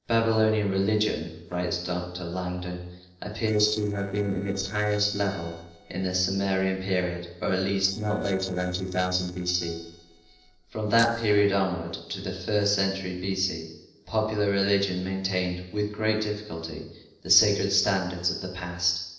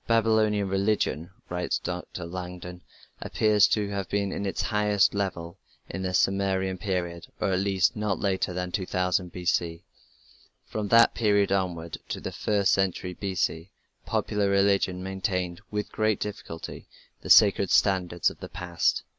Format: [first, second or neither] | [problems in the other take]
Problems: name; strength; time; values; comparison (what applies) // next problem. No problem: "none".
second | noise reduction (neural separator model SepFormer DNS4)